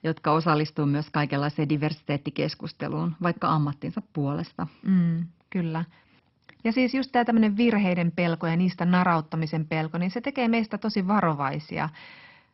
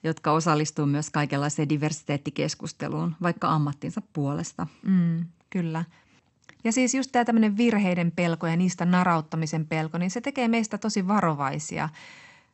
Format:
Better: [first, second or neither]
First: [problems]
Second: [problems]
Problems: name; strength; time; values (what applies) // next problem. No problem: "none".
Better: second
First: garbled, watery; badly; nothing above 5.5 kHz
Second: garbled, watery; slightly; nothing above 8 kHz